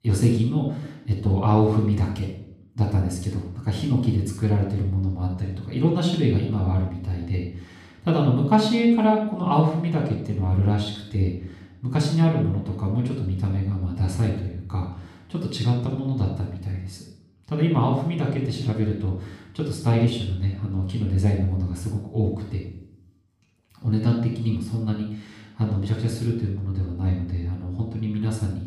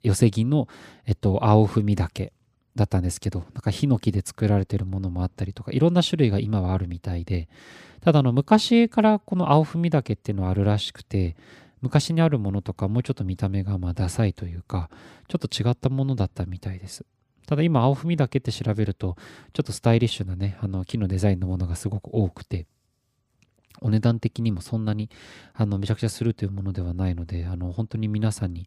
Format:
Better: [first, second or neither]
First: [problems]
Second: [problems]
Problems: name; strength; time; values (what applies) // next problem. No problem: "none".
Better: second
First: off-mic speech; somewhat distant // room echo; noticeable; dies away in 0.6 s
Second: none